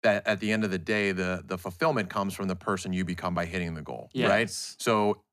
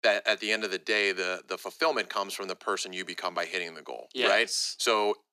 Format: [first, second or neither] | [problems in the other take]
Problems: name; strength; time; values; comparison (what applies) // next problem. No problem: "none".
first | thin; very; fading below 350 Hz